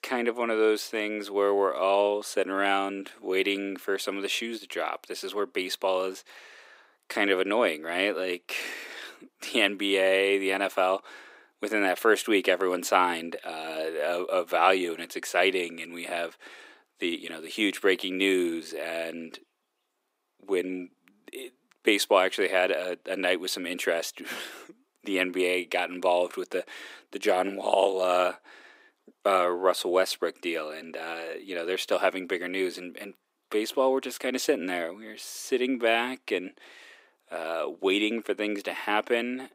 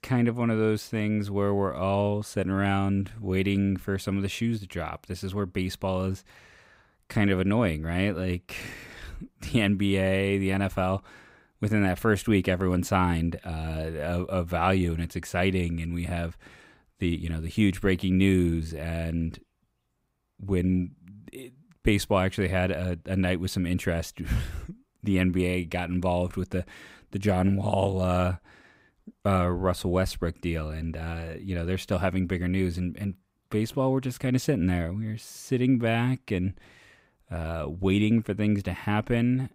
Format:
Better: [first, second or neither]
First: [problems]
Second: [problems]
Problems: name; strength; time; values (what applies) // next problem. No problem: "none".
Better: second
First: thin; very; fading below 350 Hz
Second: none